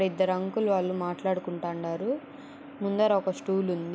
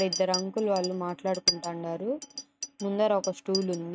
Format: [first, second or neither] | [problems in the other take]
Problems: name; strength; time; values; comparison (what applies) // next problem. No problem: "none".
first | noise reduction (neural mask model RNNoise)